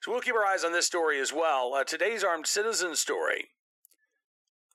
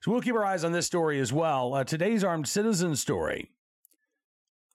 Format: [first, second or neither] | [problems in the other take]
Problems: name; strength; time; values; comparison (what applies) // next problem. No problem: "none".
second | thin; very; fading below 350 Hz